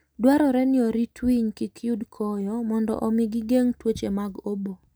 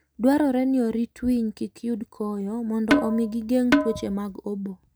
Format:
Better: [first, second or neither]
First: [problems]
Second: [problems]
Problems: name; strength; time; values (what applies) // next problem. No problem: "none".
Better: first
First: none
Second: background sound (Percussion); as loud as the speech